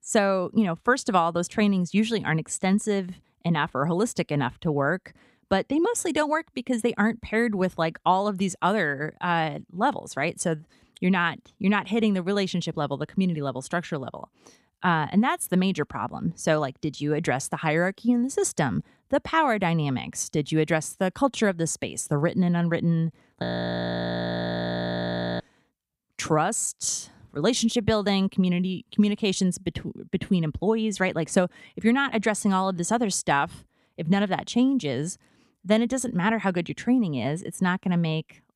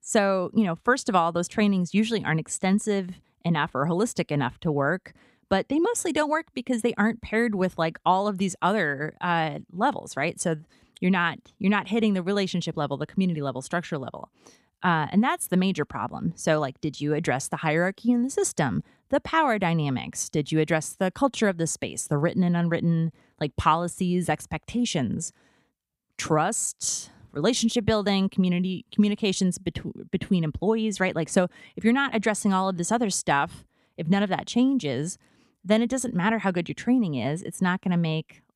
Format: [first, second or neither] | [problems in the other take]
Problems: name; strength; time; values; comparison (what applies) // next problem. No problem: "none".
second | audio freezing; at 23 s for 2 s